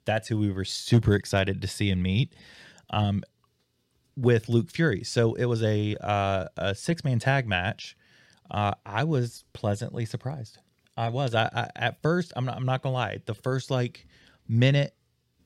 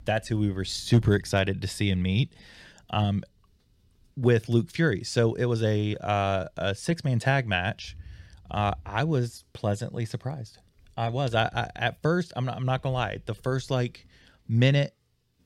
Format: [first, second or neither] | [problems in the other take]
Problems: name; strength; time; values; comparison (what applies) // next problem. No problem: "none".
first | rain or running water; faint; throughout; 25 dB below the speech